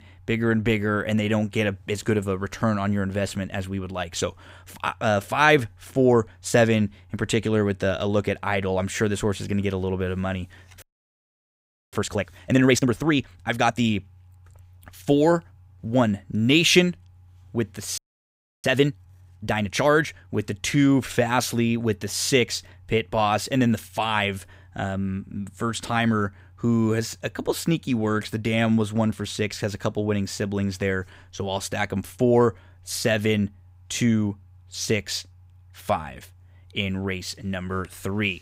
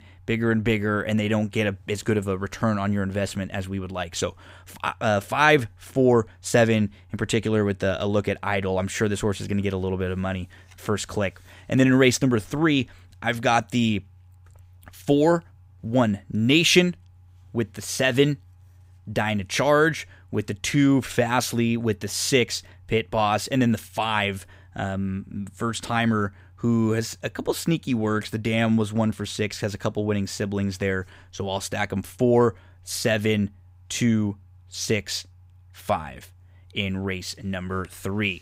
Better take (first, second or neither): second